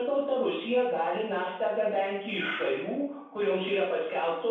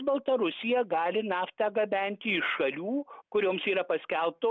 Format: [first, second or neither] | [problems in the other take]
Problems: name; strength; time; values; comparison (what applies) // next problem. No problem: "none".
second | room echo; dies away in 0.6 s